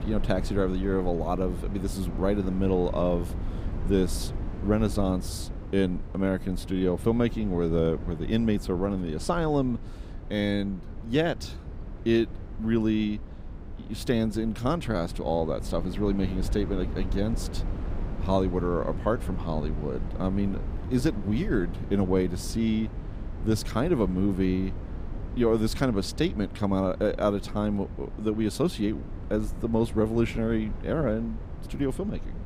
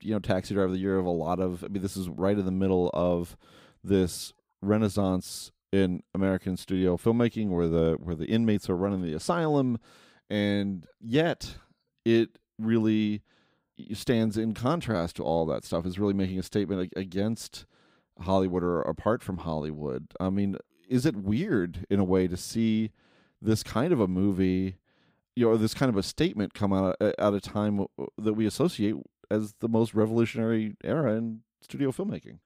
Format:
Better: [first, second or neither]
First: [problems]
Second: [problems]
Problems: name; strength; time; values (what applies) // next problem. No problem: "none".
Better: second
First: low rumble; noticeable; throughout; 15 dB below the speech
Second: none